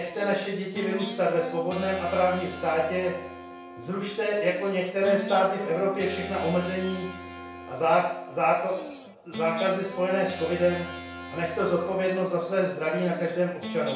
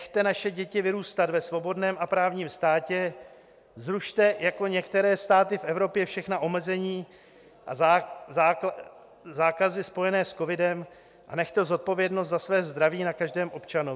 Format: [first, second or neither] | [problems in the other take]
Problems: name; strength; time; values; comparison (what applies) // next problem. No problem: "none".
second | background sound (Guitar); 12 dB below the speech // room echo; dies away in 0.6 s